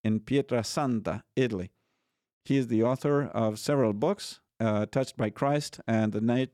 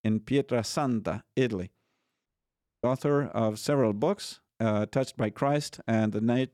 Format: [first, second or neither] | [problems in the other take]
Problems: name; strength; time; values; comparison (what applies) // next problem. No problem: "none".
first | audio cutting out; at 2.5 s for 0.5 s